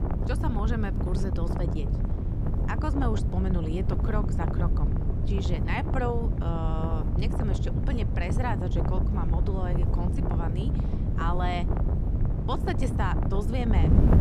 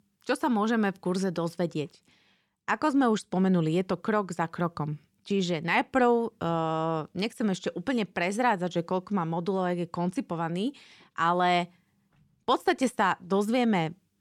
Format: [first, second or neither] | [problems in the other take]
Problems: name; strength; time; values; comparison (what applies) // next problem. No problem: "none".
second | wind noise on the microphone; heavy; 3 dB below the speech